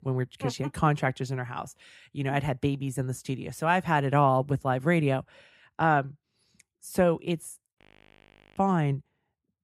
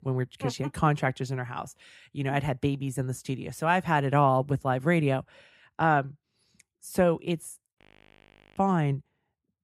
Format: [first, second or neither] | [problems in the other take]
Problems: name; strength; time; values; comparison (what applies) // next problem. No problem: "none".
neither | audio freezing; at 8 s for 1 s; the same in both